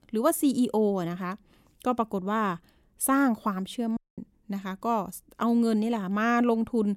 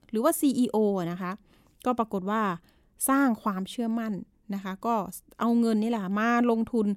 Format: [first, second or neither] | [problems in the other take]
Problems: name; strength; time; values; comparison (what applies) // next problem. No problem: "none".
second | audio cutting out; at 4 s